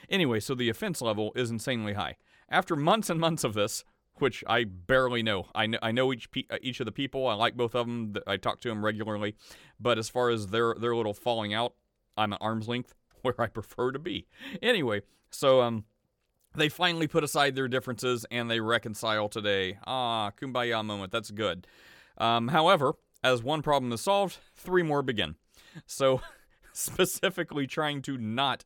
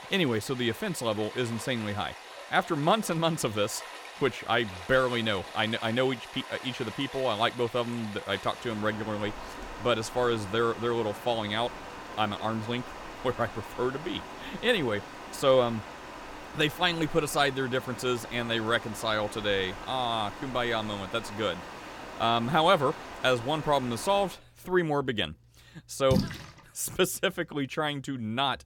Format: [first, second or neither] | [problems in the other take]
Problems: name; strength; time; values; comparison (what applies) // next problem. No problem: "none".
first | rain or running water; noticeable; throughout; 10 dB below the speech